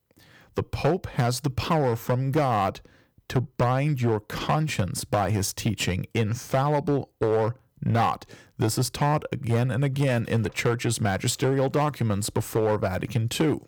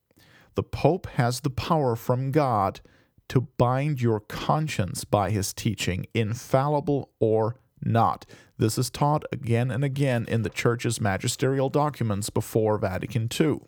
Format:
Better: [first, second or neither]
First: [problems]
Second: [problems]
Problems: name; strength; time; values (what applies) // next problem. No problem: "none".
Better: second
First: distortion; slight; 6% of the sound clipped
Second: none